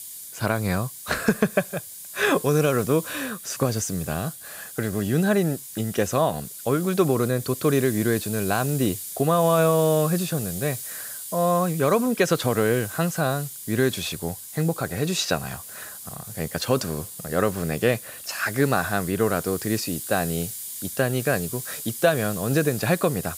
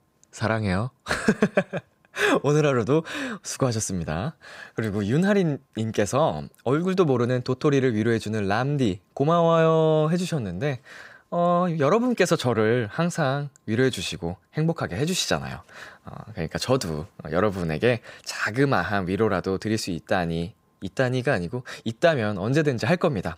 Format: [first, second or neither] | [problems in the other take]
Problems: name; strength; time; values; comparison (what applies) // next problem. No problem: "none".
second | hiss; loud; throughout; 10 dB below the speech